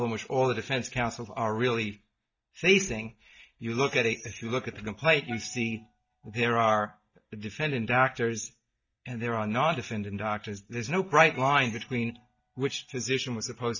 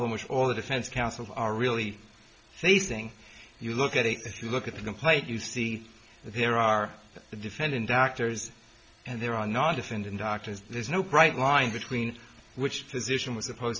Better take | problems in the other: second | noise reduction (neural mask model DeepFilterNet 3)

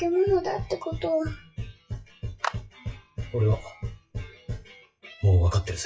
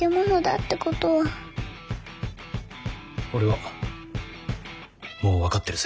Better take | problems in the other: second | noise reduction (classical method WPE with log-MMSE)

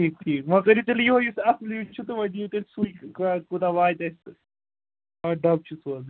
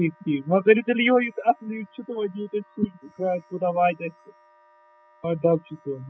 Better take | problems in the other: first | noise reduction (classical method spectral subtraction)

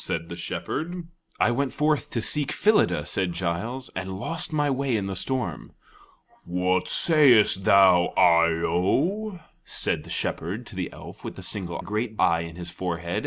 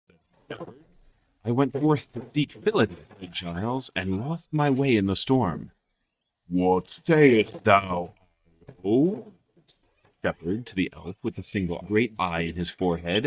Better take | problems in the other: first | noise reduction (neural mask model DeepFilterNet 3)

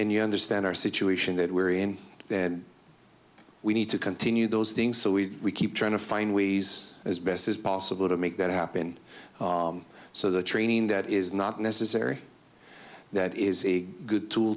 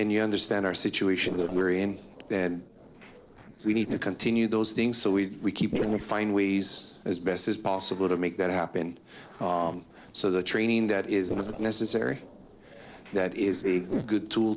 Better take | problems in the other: first | noise reduction (neural separator model SepFormer DNS4)

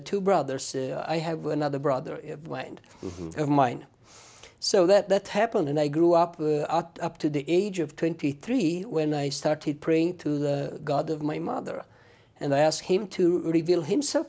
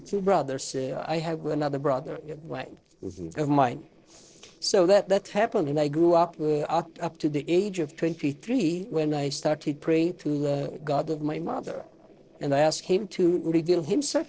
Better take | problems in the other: first | noise reduction (neural separator model SepFormer DNS4)

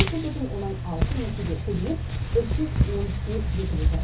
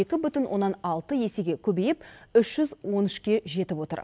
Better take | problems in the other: second | background sound (Tearing); 5 dB above the speech // room echo; dies away in 0.3 s

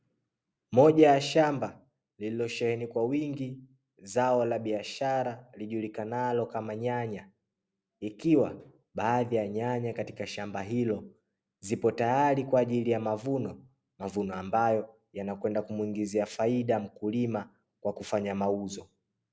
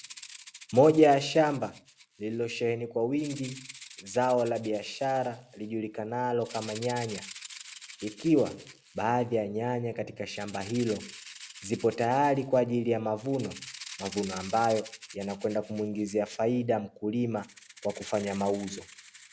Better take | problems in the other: first | background sound (Rattle (instrument)); 18 dB below the speech

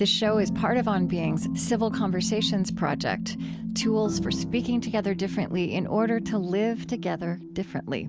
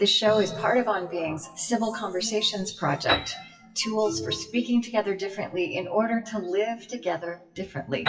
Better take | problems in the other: first | noise reduction (classical method WPE with log-MMSE)

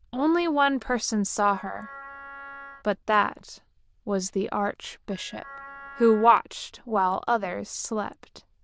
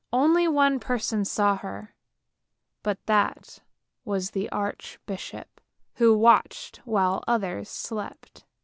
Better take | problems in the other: second | noise reduction (neural diffusion model UNIVERSE++)

